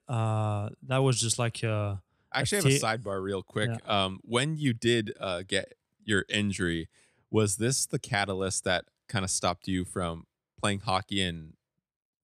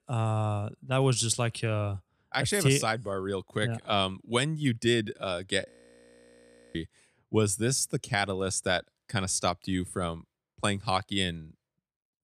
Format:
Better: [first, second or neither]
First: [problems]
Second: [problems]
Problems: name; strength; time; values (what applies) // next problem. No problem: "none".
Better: first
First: none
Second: audio freezing; at 5.5 s for 1 s